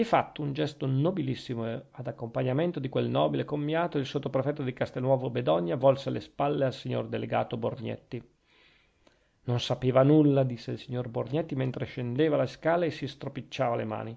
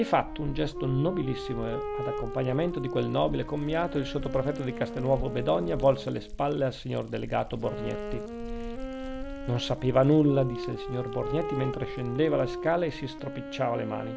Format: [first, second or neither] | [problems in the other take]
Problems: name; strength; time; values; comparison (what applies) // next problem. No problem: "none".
first | background sound (Wind instrument, woodwind instrument + Liquid); 7 dB below the speech